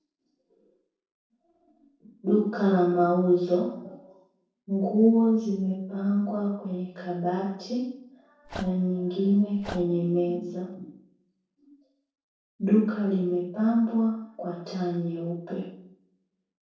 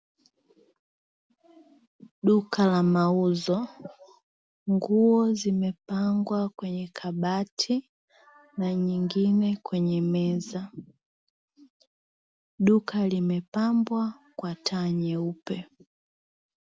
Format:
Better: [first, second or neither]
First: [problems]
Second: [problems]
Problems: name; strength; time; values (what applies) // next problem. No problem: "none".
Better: second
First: noise reduction (neural separator model SepFormer DNS4)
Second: none